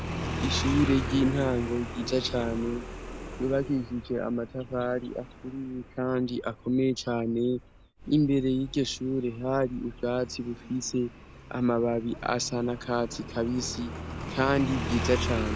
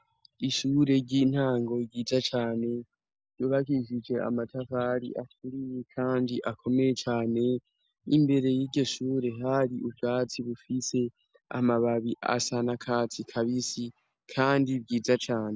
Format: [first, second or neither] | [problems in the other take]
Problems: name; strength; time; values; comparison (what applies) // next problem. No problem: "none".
second | background sound (Motorcycle); 8 dB below the speech